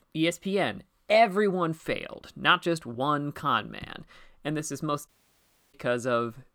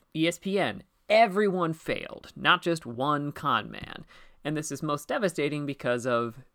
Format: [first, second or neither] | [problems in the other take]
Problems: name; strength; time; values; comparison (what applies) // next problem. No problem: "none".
second | audio cutting out; at 5 s for 0.5 s